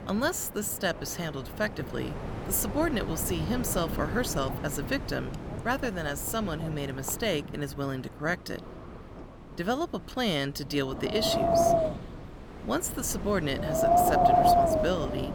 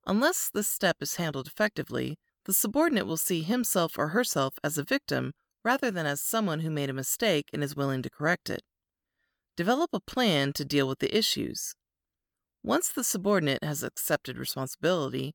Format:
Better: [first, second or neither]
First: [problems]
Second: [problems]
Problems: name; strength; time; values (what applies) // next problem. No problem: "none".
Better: second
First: wind in the background; very loud; throughout; 2 dB above the speech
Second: none